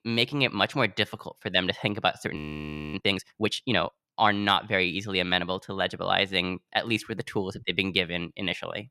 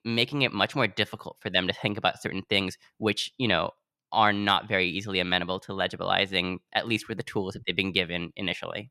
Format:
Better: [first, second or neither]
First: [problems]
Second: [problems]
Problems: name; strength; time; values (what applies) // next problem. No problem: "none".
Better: second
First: audio freezing; at 2.5 s for 0.5 s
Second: none